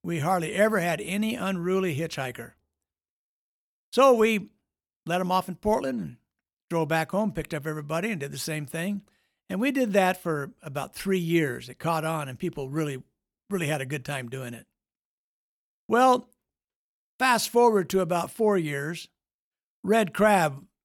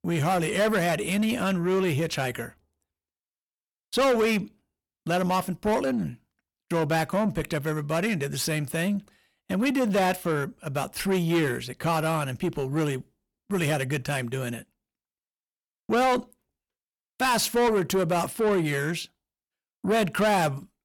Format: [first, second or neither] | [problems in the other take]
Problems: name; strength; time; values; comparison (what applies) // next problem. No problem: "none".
first | distortion; heavy; 8 dB below the speech